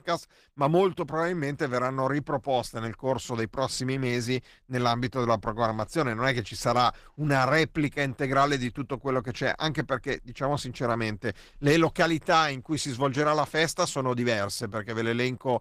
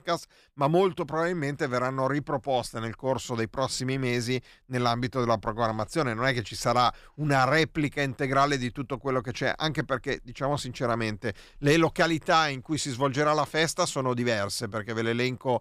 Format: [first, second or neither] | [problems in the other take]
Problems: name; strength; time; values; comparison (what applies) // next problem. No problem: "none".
second | garbled, watery; slightly; nothing above 15 kHz